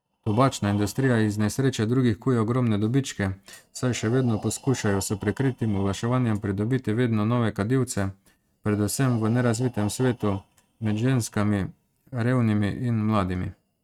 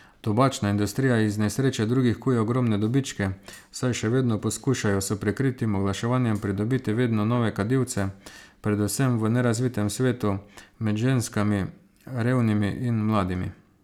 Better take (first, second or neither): second